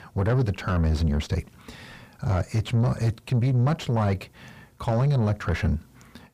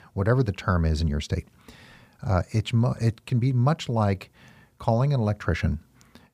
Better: second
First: distortion; slight; 10 dB below the speech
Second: none

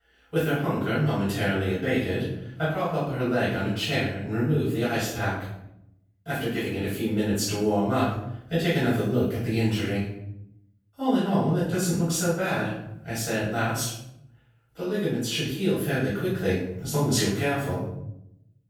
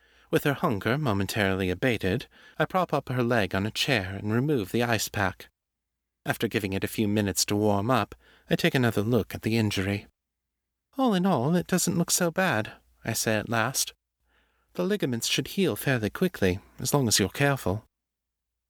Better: second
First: off-mic speech; far // room echo; noticeable; dies away in 0.9 s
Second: none

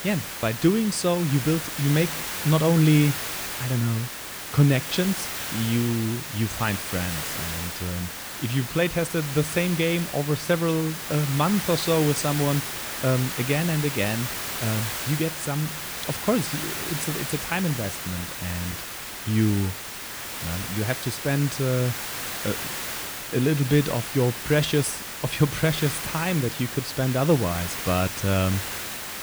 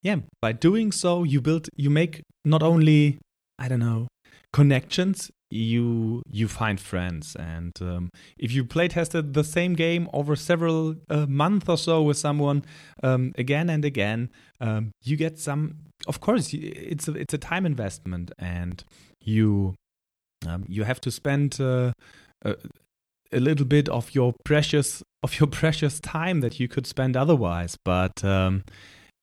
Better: second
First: hiss; loud; throughout; 5 dB below the speech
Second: none

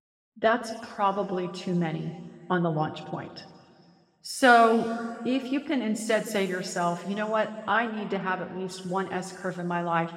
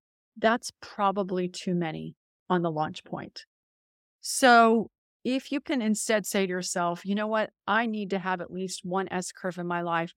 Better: second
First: room echo; slight; dies away in 2 s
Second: none

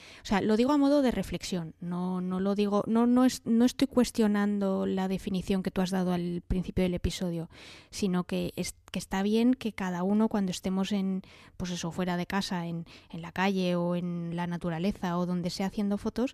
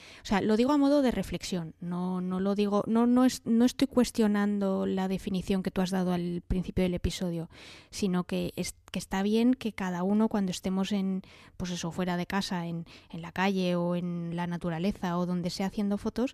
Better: neither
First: none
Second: none

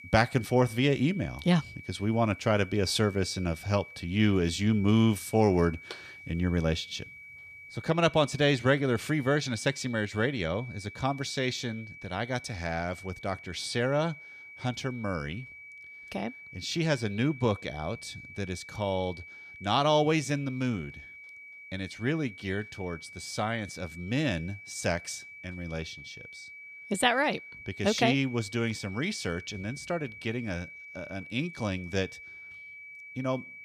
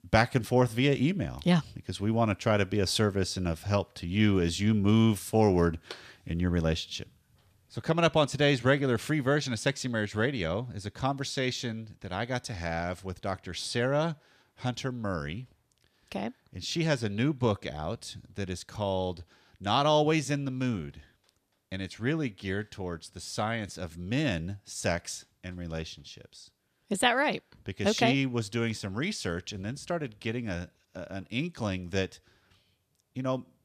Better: second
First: high-pitched whine; noticeable; throughout; 2.5 kHz, 15 dB below the speech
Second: none

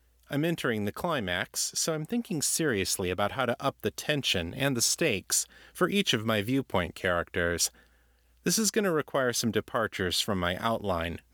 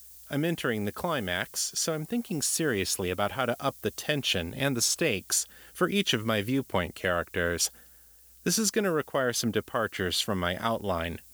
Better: first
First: none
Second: hiss; faint; throughout; 20 dB below the speech

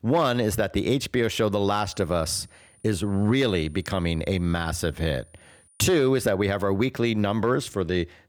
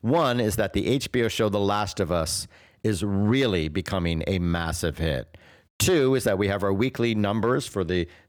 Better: second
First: high-pitched whine; faint; from 1.5 to 6 s; 9.5 kHz, 30 dB below the speech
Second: none

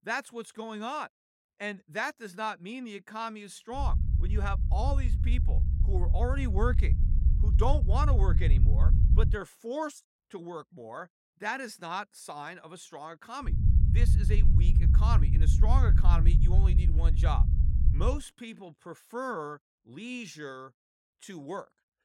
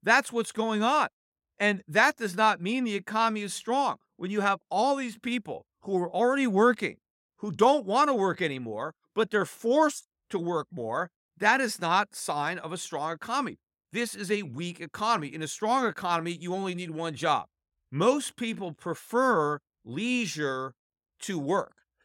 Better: second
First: low rumble; loud; from 4 to 9.5 s and from 13 to 18 s; 7 dB below the speech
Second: none

